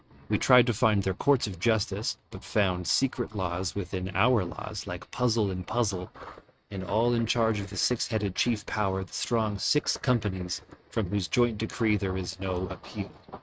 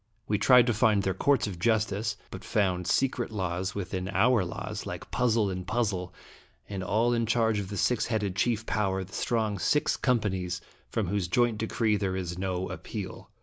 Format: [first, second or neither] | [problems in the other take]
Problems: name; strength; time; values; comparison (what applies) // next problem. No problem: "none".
second | noise reduction (neural mask model RNNoise)